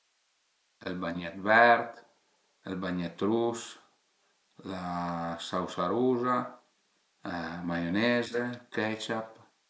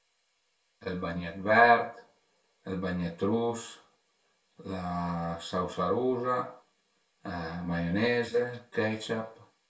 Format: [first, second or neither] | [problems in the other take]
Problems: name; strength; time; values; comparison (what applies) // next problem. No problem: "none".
first | room echo; dies away in 0.2 s